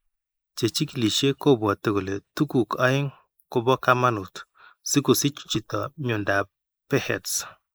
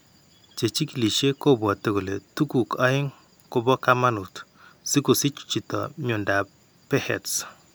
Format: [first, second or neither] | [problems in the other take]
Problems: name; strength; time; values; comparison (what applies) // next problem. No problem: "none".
second | noise reduction (neural mask model Resemble Enhance denoiser)